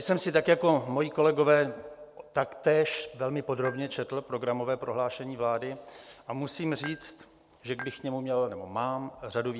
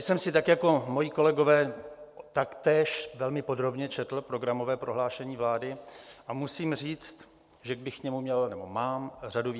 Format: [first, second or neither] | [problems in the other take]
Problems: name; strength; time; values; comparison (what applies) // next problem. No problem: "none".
second | background sound (Dishes, pots, and pans / Chink, clink); 15 dB below the speech